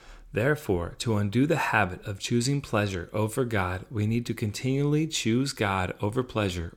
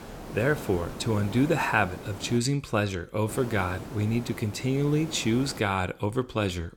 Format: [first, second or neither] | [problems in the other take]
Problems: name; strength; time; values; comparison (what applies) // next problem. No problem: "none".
first | hiss; noticeable; until 2.5 s and from 3.5 to 5.5 s; 15 dB below the speech